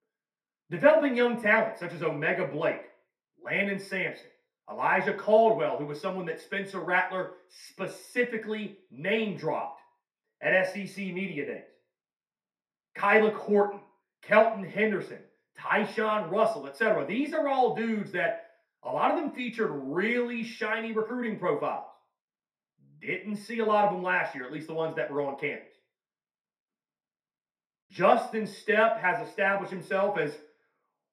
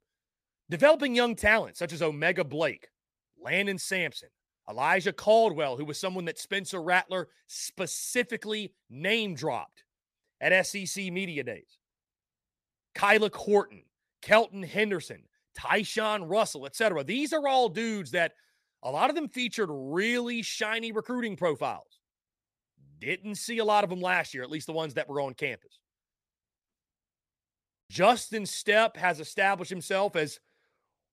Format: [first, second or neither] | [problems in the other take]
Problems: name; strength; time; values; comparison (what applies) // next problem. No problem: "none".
second | room echo; slight; dies away in 0.5 s // off-mic speech; far